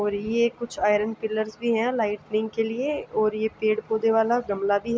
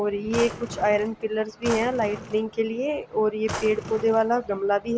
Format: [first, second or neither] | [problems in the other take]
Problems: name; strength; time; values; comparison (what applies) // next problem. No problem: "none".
first | background sound (Drawer open or close); 12 dB below the speech